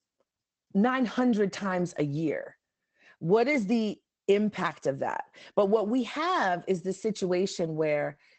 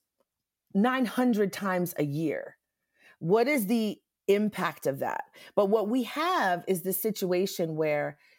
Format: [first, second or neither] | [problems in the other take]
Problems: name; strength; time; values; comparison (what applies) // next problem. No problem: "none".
second | garbled, watery; badly; nothing above 8 kHz